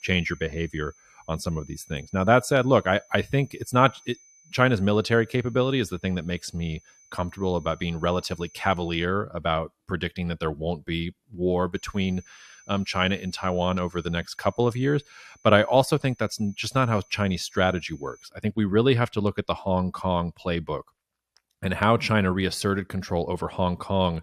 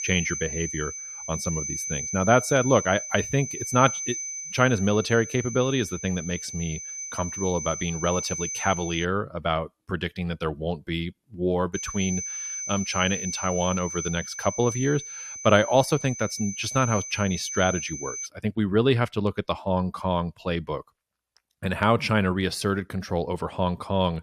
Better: first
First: high-pitched whine; faint; until 9 s and from 12 to 18 s; 6 kHz, 30 dB below the speech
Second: high-pitched whine; loud; until 9 s and from 12 to 18 s; 6 kHz, 6 dB below the speech

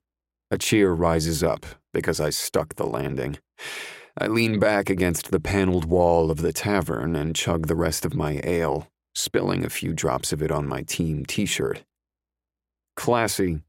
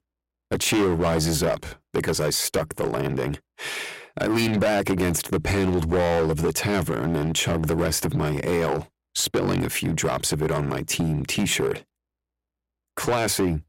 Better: first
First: none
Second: distortion; heavy; 11% of the sound clipped

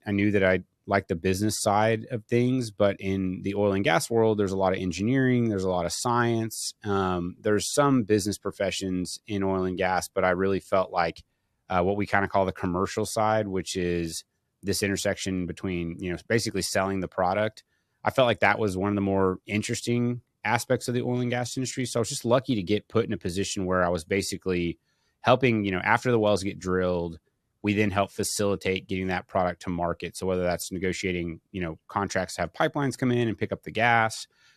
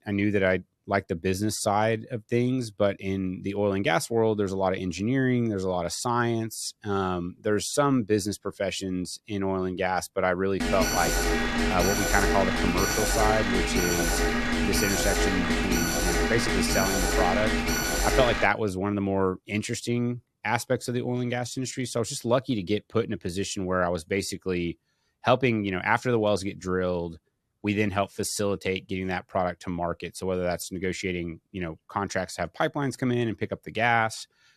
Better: first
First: none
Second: alarm; loud; from 11 to 18 s; peak 3 dB above the speech

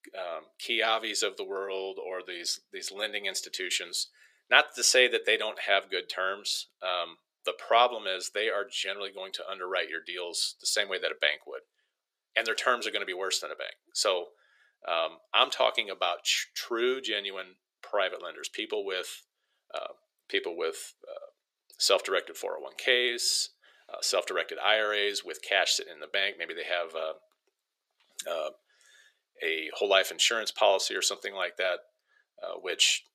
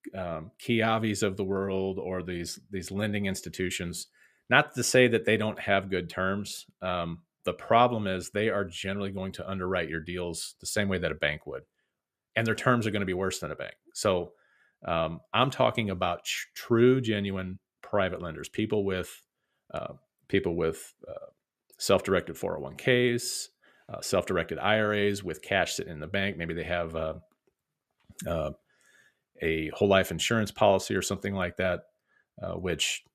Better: second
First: thin; very; fading below 400 Hz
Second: none

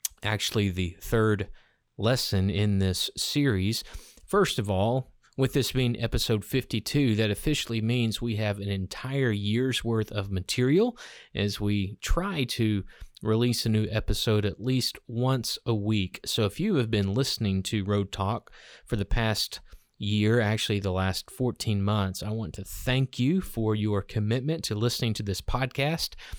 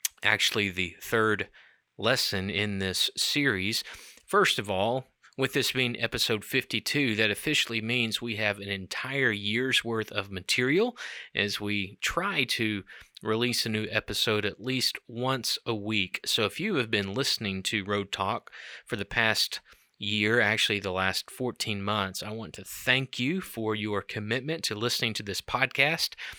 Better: first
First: none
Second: thin; somewhat; fading below 350 Hz

